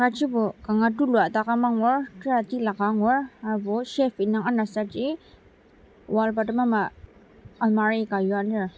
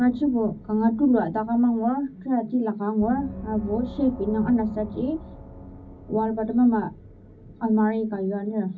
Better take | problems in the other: first | background sound (Gong); 17 dB below the speech // room echo; dies away in 0.4 s

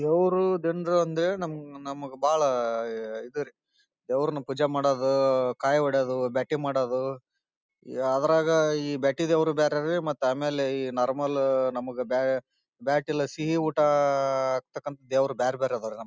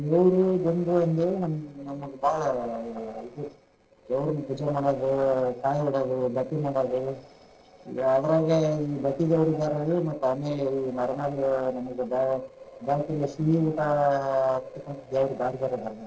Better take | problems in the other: first | noise reduction (neural separator model SepFormer DNS4)

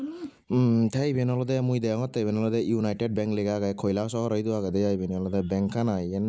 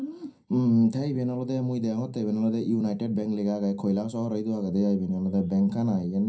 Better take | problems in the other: first | room echo; dies away in 0.3 s

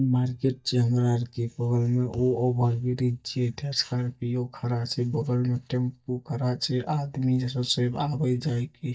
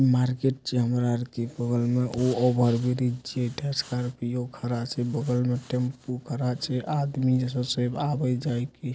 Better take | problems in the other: second | noise reduction (neural mask model DeepFilterNet 3)

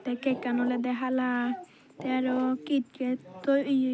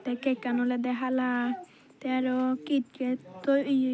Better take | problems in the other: second | background sound (Glass); 14 dB below the speech

